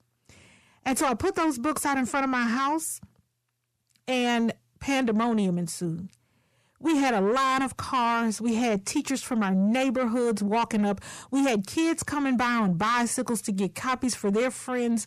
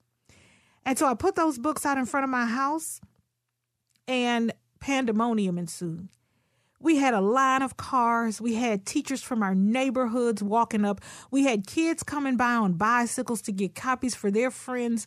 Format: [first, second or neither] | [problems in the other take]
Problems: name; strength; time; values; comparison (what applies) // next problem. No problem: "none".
second | distortion; slight; 10 dB below the speech